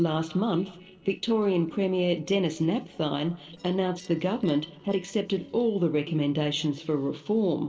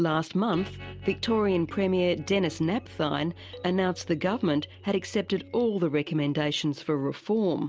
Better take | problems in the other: second | noise reduction (neural separator model SepFormer DNS4)

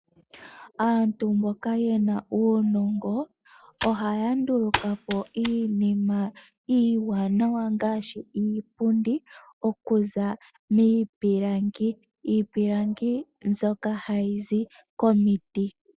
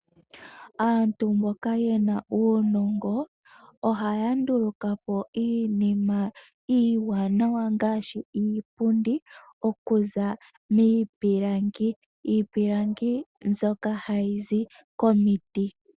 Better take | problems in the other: second | noise reduction (classical method log-MMSE)

